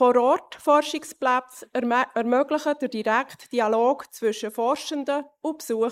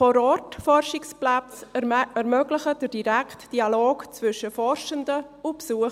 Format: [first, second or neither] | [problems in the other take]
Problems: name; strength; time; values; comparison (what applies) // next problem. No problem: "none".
second | noise reduction (neural mask model Resemble Enhance denoiser)